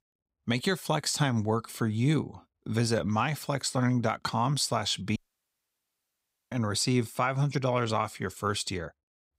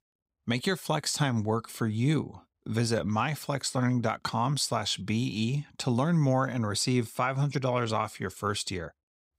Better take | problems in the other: second | audio cutting out; at 5 s for 1.5 s

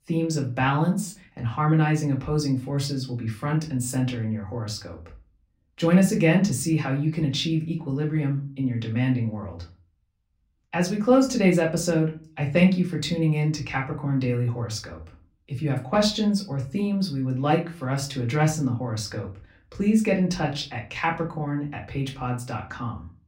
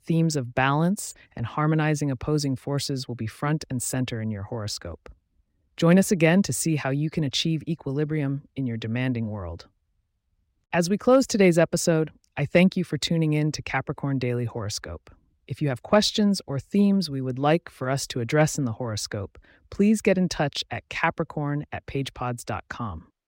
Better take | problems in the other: second | off-mic speech; far // room echo; very slight; dies away in 0.3 s

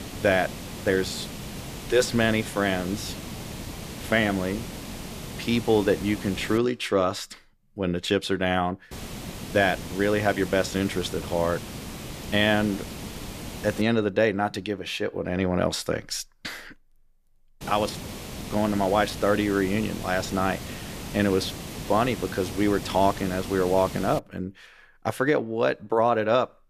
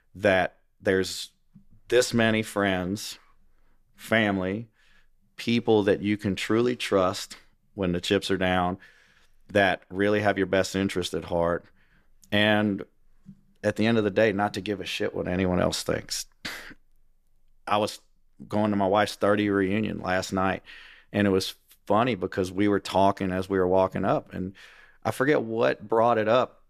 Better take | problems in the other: second | hiss; noticeable; until 6.5 s, from 9 to 14 s and from 18 to 24 s; 10 dB below the speech

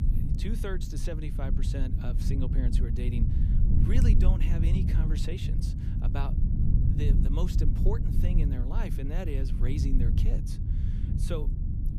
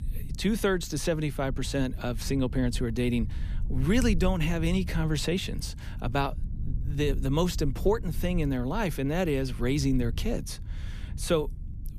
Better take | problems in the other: second | low rumble; loud; throughout; 1 dB below the speech; faint in the second

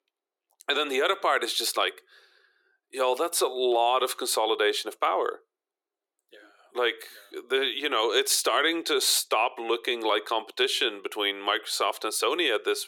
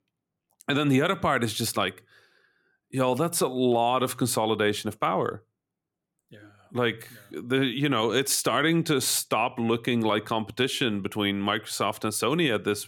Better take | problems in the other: second | thin; very; fading below 350 Hz

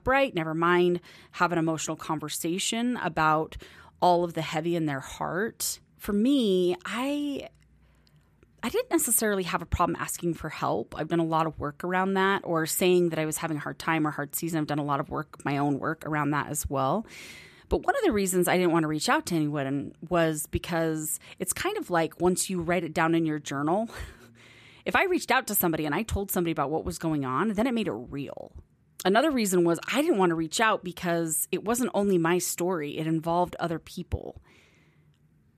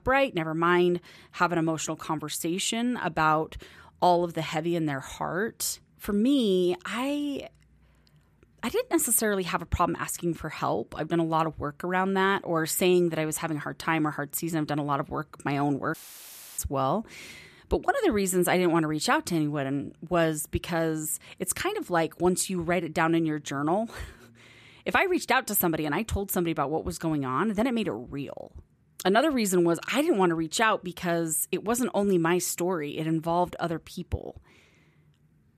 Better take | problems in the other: first | audio cutting out; filled with static; at 16 s for 0.5 s

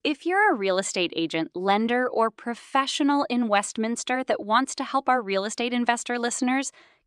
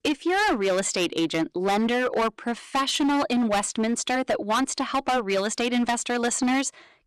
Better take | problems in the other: first | distortion; heavy; 17% of the sound clipped

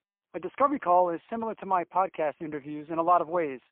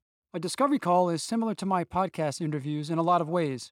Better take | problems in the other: second | phone-call audio; poor line

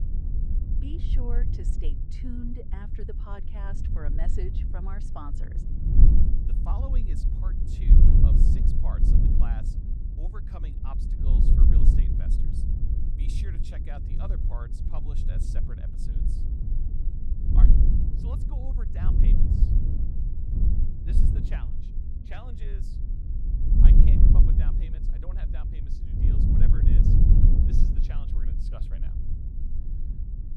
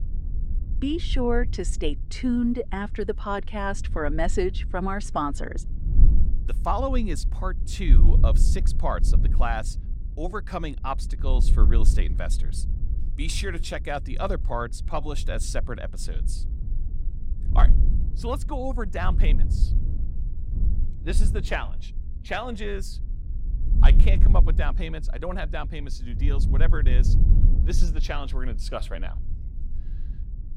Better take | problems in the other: second | wind noise on the microphone; heavy; 3 dB above the speech; occasional gusts in the second

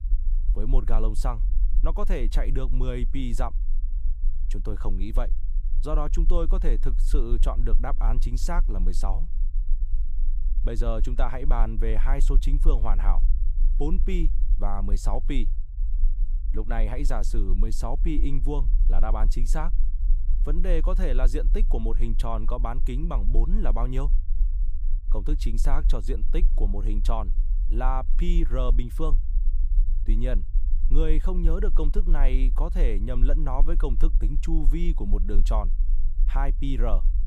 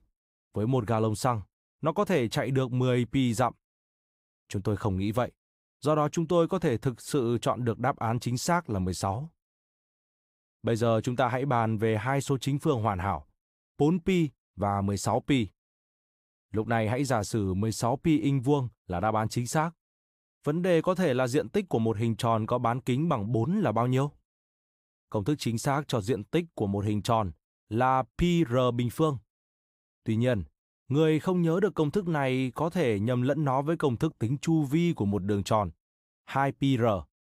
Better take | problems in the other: second | low rumble; noticeable; throughout; 20 dB below the speech

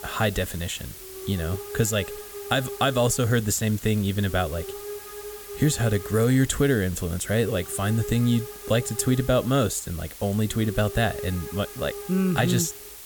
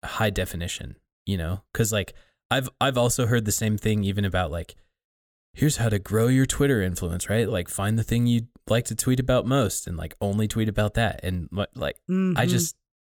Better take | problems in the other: second | hiss; noticeable; throughout; 10 dB below the speech

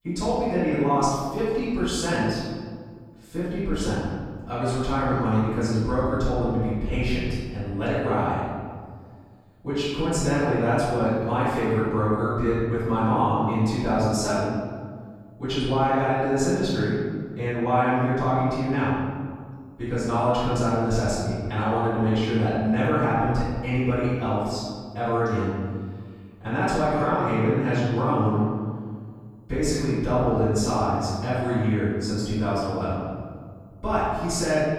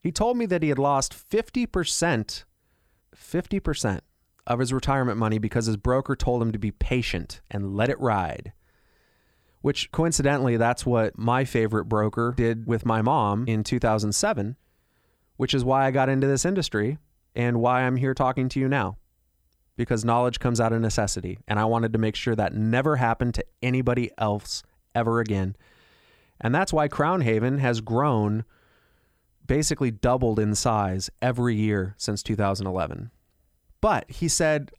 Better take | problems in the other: second | off-mic speech; far // room echo; strong; dies away in 1.7 s

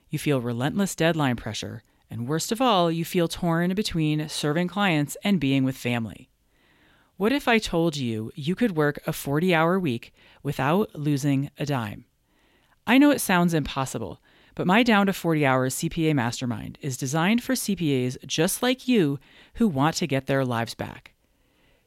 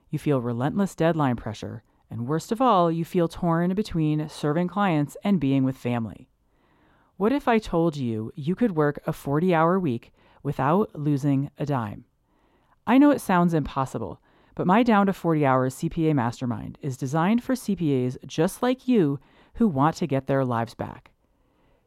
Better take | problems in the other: first | muffled; slightly; fading above 1.5 kHz

